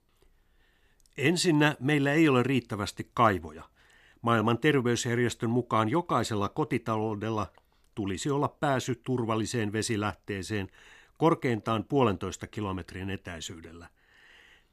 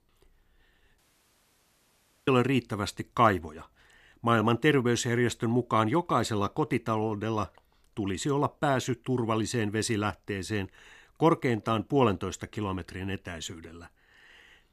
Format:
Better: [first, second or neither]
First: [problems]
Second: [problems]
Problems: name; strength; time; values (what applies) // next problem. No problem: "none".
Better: first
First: none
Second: audio cutting out; at 1 s for 1.5 s